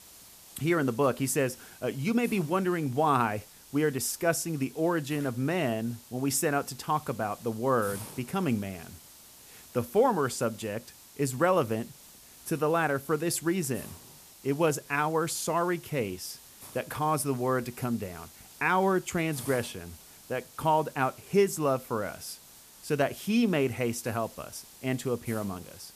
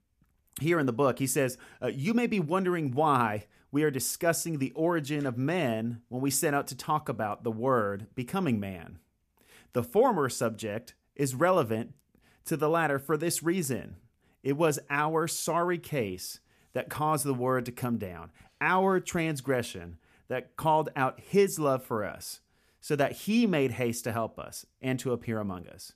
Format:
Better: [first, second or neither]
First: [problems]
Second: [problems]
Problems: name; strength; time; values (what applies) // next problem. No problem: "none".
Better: second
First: hiss; noticeable; throughout; 20 dB below the speech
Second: none